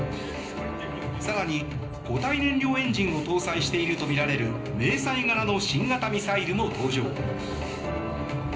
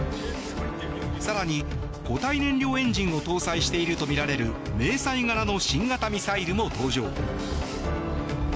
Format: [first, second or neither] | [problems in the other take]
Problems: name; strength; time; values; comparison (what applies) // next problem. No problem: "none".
second | room echo; dies away in 0.5 s